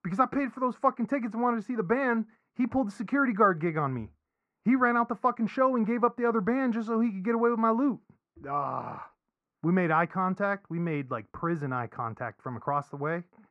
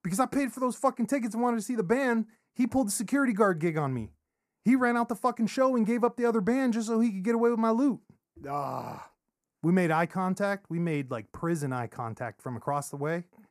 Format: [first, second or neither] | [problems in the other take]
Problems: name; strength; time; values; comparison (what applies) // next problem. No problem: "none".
second | muffled; very; fading above 2.5 kHz